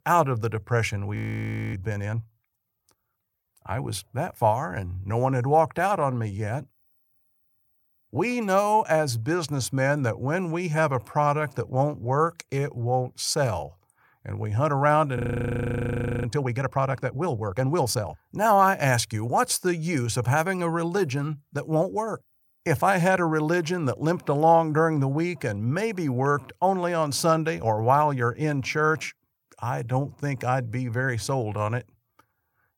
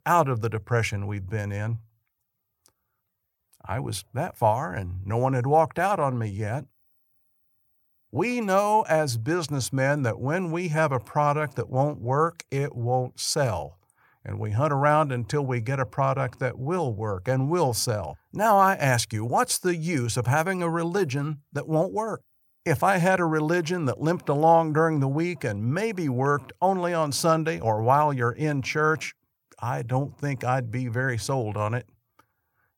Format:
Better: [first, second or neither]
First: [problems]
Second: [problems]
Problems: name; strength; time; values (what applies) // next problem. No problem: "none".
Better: second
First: audio freezing; at 1 s for 0.5 s and at 15 s for 1 s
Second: none